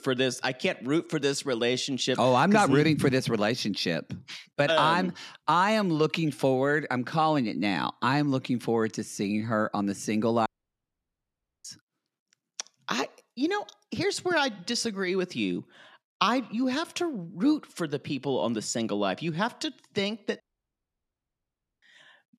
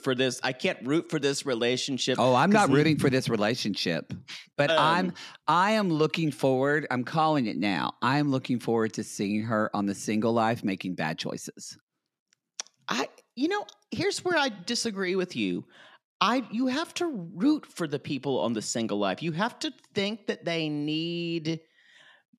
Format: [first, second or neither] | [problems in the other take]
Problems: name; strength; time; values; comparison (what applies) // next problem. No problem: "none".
second | audio cutting out; at 10 s for 1 s and at 20 s for 1.5 s